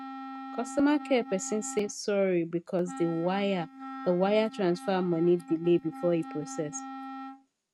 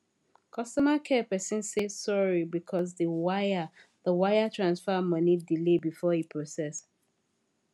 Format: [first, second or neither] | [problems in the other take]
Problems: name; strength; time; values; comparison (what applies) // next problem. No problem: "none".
second | noise reduction (neural mask model RNNoise)